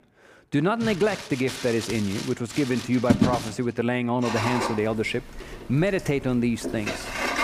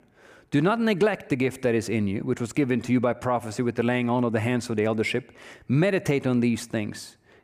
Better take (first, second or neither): second